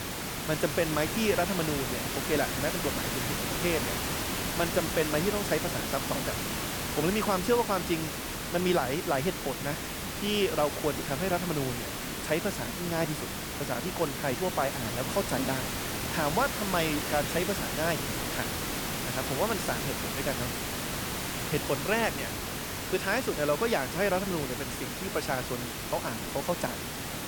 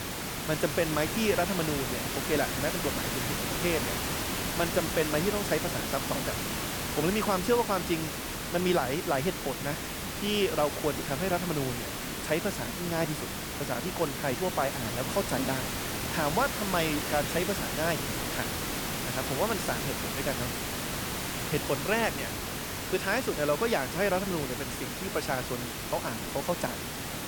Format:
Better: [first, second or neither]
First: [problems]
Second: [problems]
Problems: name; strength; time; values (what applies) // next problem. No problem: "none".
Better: neither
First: hiss; loud; throughout; 1 dB below the speech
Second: hiss; loud; throughout; 1 dB below the speech